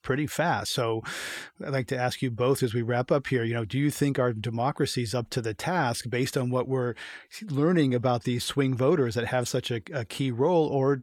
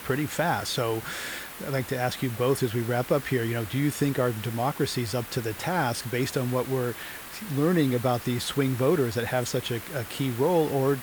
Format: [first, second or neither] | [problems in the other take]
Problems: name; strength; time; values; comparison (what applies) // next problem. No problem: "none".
first | hiss; noticeable; throughout; 10 dB below the speech